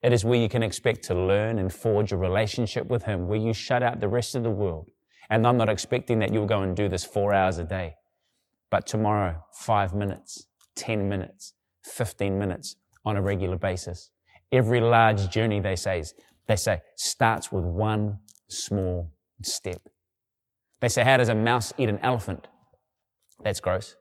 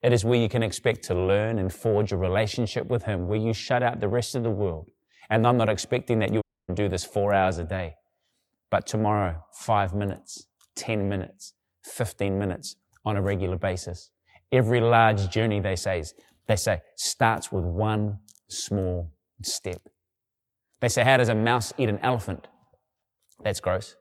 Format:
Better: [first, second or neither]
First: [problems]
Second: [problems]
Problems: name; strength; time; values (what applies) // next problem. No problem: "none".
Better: first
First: none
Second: audio cutting out; at 6.5 s